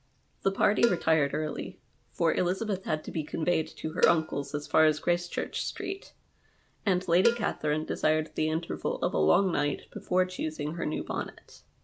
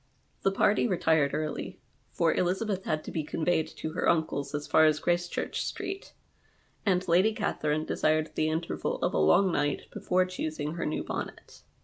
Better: second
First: background sound (Cowbell); 8 dB below the speech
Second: none

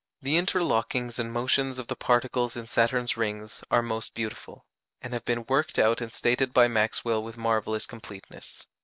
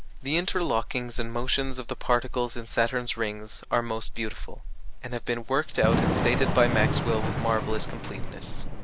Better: first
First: none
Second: background sound (Thunder / Rain); as loud as the speech

